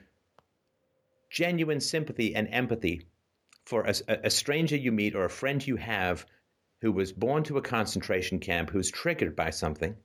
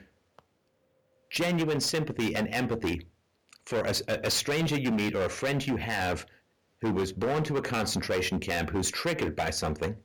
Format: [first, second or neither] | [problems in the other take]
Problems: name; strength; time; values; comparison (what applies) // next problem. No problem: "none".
first | distortion; heavy; 15% of the sound clipped